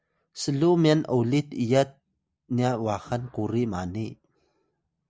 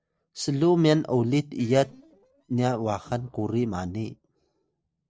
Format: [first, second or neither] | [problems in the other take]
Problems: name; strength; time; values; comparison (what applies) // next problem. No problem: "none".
first | noise reduction (neural separator model SepFormer DNS4)